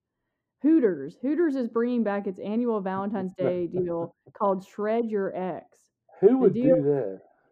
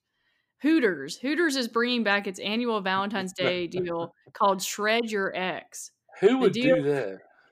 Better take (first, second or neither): second